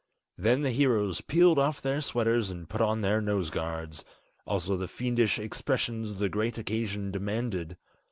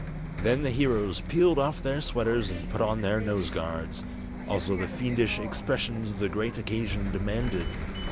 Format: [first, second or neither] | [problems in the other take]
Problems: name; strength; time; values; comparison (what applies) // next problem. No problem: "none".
first | background sound (Bus); 6 dB below the speech